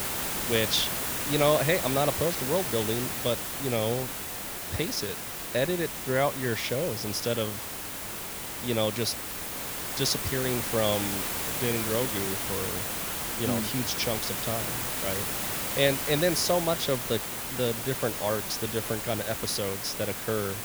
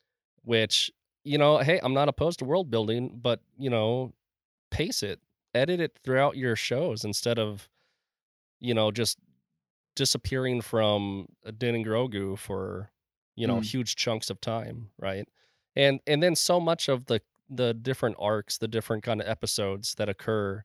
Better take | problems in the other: second | hiss; loud; throughout; 1 dB below the speech

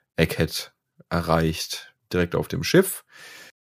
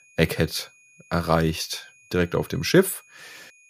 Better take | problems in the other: first | high-pitched whine; faint; throughout; 2.5 kHz, 30 dB below the speech

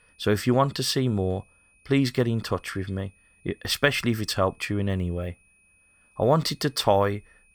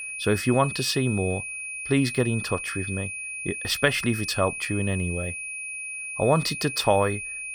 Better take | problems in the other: first | high-pitched whine; loud; throughout; 2.5 kHz, 6 dB below the speech; faint in the first

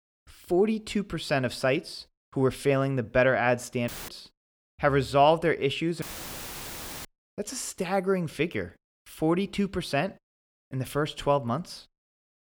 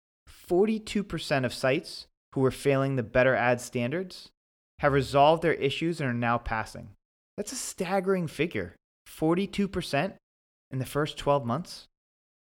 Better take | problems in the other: second | audio cutting out; filled with static; at 4 s and at 6 s for 1 s

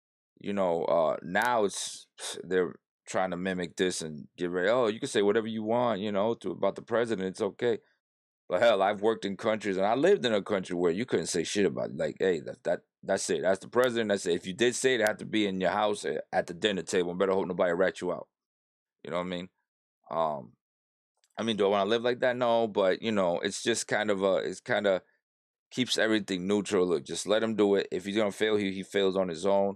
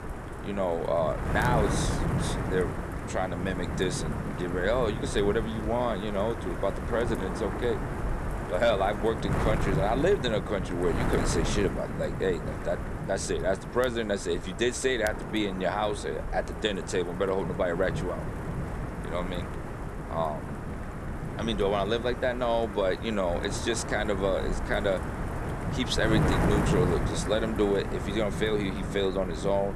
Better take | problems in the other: first | wind noise on the microphone; heavy; 7 dB below the speech

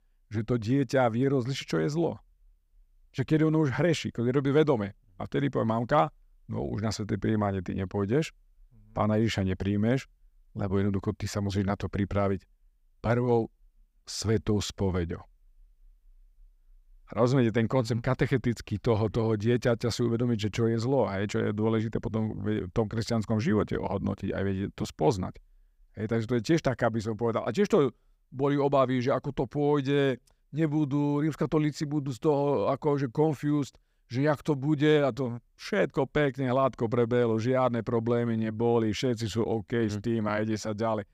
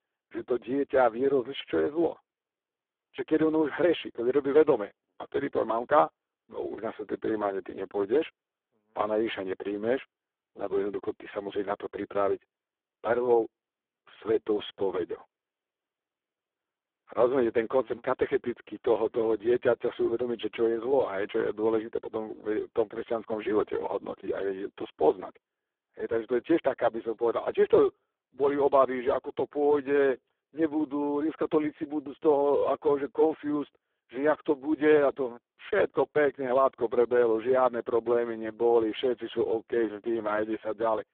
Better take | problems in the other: first | phone-call audio; poor line

